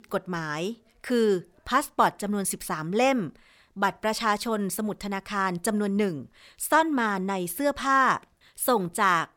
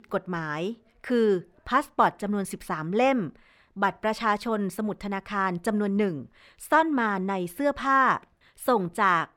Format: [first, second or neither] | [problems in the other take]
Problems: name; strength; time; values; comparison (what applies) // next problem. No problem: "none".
first | muffled; slightly; fading above 4 kHz